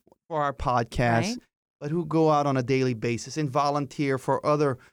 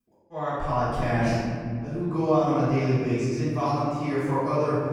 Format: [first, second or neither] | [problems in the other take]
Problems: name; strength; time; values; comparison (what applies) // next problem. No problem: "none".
first | off-mic speech; far // room echo; strong; dies away in 2.4 s